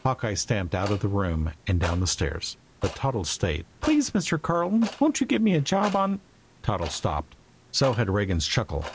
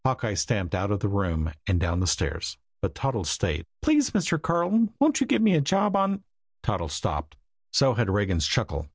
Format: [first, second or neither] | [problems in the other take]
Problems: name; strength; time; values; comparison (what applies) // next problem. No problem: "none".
second | background sound (Clock); 17 dB below the speech